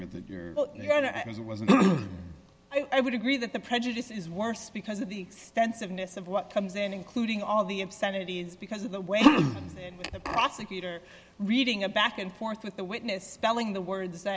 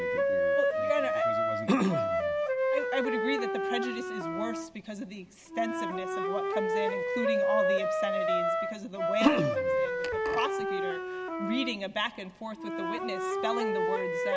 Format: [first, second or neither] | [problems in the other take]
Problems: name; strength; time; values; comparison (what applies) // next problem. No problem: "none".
first | background sound (Wind instrument, woodwind instrument); 4 dB above the speech